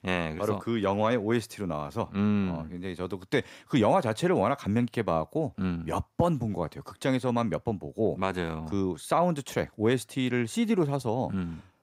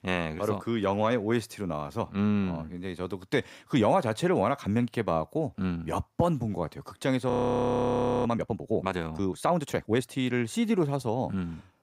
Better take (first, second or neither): first